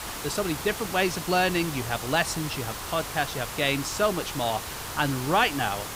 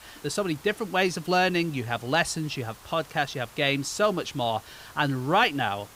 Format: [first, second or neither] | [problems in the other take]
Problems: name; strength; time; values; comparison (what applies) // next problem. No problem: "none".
second | hiss; loud; throughout; 7 dB below the speech; faint in the second